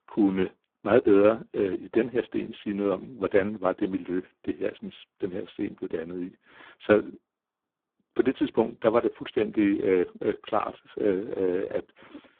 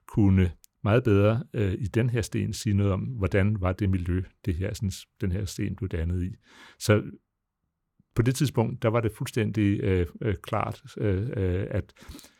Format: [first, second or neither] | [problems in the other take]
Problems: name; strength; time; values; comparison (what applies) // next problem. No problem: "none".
second | phone-call audio; poor line